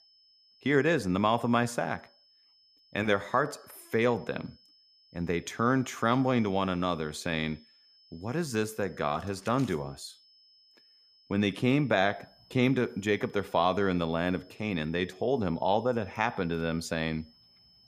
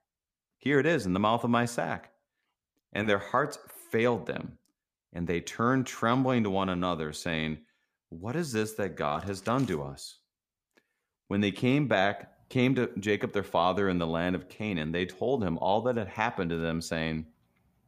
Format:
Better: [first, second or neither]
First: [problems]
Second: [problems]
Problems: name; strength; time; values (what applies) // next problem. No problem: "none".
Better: second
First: high-pitched whine; faint; throughout; 5 kHz, 30 dB below the speech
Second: none